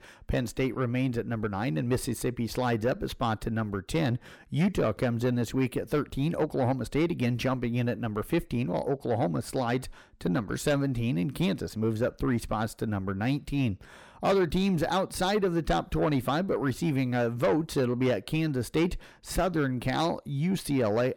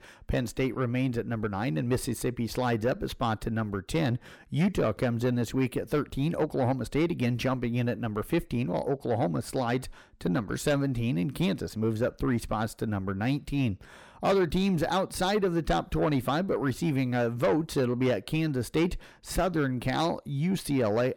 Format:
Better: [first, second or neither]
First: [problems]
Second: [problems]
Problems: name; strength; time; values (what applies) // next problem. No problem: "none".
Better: neither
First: distortion; slight; 10 dB below the speech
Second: distortion; slight; 10 dB below the speech